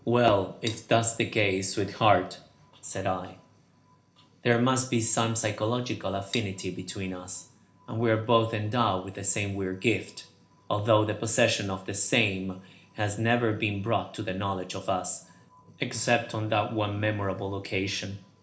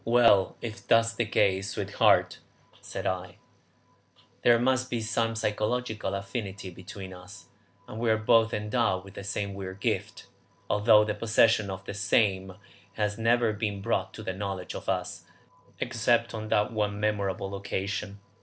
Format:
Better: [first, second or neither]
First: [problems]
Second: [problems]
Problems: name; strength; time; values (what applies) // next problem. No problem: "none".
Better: second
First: background sound (Cutlery, silverware); 14 dB below the speech // room echo; dies away in 0.4 s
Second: none